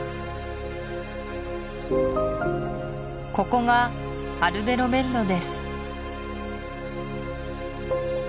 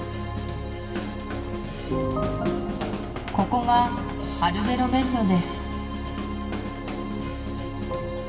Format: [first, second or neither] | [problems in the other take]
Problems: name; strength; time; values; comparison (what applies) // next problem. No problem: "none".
first | background sound (Drum / Drum kit); 10 dB below the speech // room echo; dies away in 1.4 s